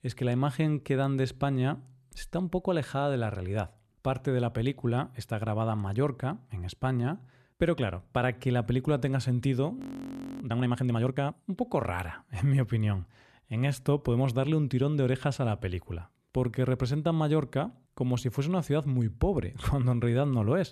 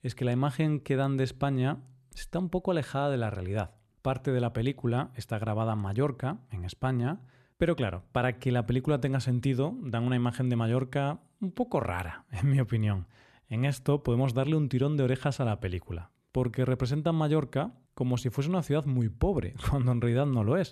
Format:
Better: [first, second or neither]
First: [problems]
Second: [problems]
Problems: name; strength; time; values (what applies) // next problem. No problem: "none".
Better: second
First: audio freezing; at 10 s for 0.5 s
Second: none